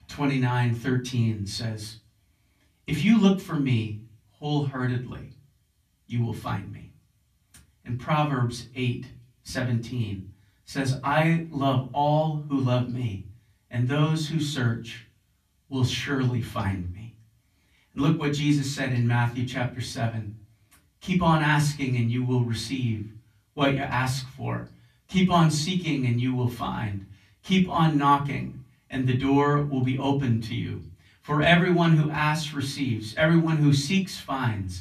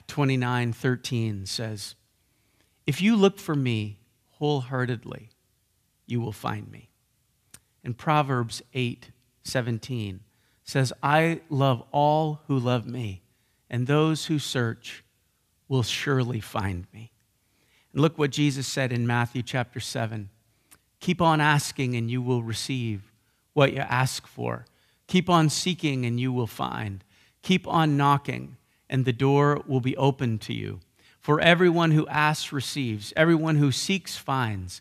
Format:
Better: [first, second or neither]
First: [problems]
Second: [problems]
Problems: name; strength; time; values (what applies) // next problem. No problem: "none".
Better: second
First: off-mic speech; far // room echo; very slight; dies away in 0.3 s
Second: none